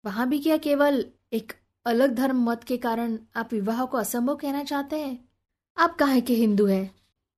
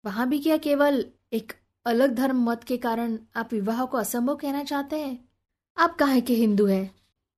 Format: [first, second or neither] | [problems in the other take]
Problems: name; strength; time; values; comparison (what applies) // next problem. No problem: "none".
neither | none